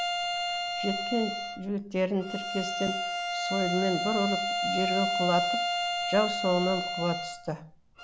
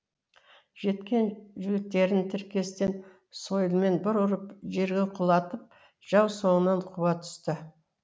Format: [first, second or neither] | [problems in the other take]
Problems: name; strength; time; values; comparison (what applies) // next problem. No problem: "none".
second | background sound (Bowed string instrument); as loud as the speech